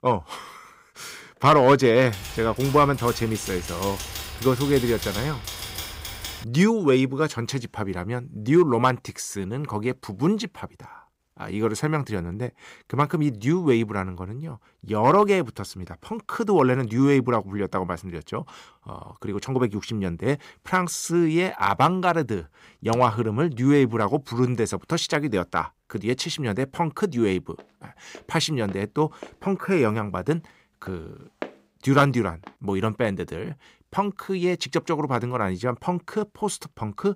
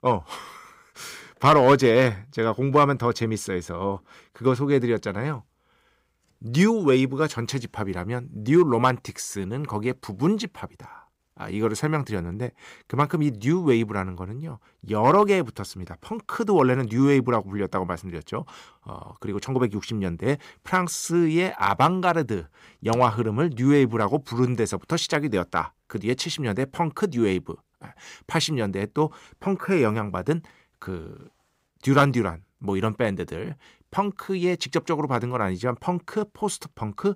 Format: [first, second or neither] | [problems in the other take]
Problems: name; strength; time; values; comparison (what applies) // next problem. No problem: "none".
second | keyboard typing; noticeable; from 2 to 6.5 s; peak 7 dB below the speech // footsteps; faint; from 28 to 32 s; peak 15 dB below the speech